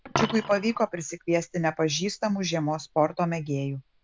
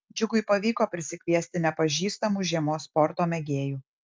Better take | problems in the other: second | background sound (Coin (dropping)); 11 dB below the speech

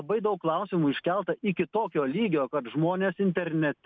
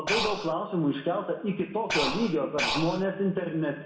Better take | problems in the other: first | background sound (Breathing); 2 dB below the speech // room echo; dies away in 1 s

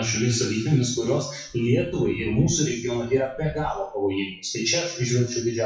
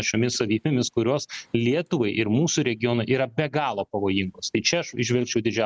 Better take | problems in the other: second | noise reduction (classical method WPE with log-MMSE)

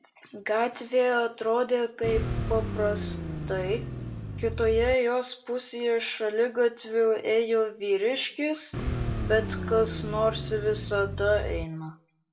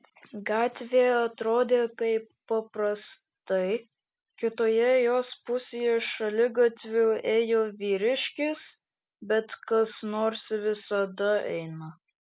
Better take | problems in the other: second | background sound (Car); 4 dB below the speech // room echo; dies away in 0.3 s

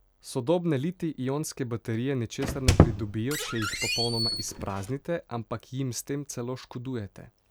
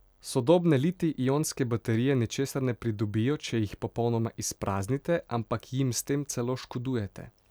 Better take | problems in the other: second | background sound (Squeak); 4 dB above the speech

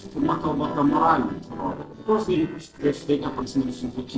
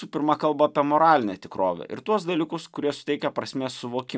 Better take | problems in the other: second | noise reduction (neural separator model SepFormer DNS4)

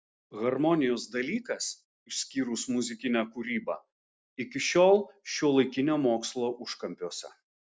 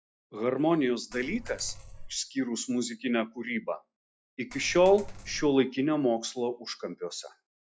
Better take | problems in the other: first | noise reduction (classical method log-MMSE)

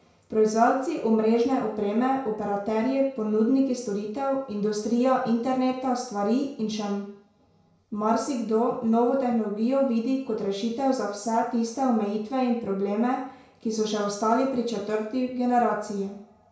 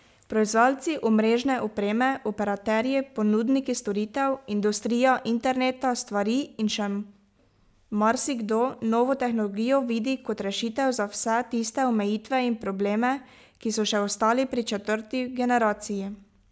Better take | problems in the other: second | room echo; dies away in 0.6 s

